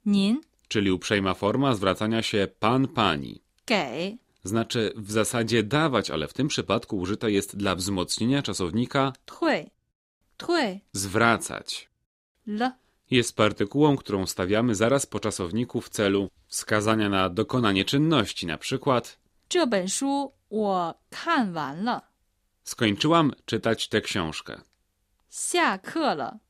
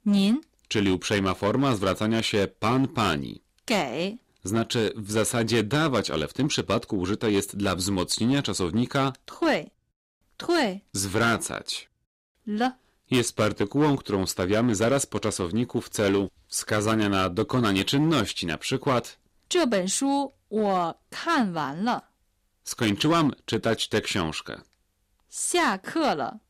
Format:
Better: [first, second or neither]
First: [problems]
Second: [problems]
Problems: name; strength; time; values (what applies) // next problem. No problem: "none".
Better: first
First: none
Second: distortion; slight; 6% of the sound clipped